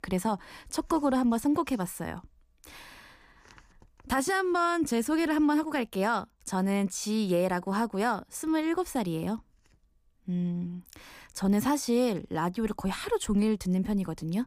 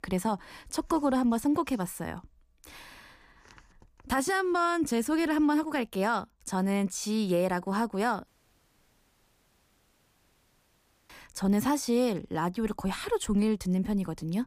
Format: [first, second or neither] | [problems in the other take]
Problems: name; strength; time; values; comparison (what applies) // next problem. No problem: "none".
first | audio cutting out; at 8.5 s for 3 s